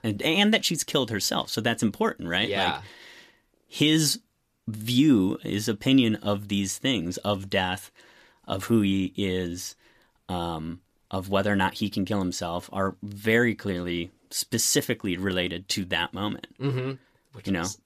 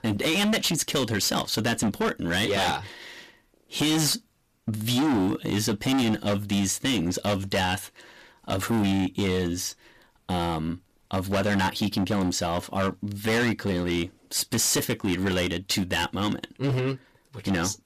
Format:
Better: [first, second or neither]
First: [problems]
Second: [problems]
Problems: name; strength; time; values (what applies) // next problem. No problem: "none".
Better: first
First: none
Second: distortion; heavy; 17% of the sound clipped